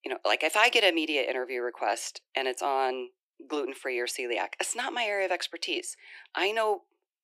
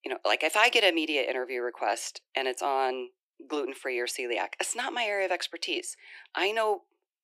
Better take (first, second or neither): neither